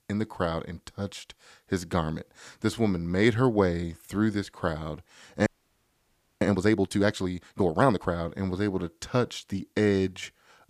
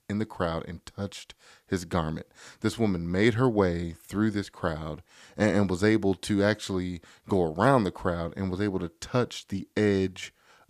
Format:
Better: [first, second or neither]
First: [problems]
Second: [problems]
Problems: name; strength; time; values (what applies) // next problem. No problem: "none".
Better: second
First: audio freezing; at 5.5 s for 1 s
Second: none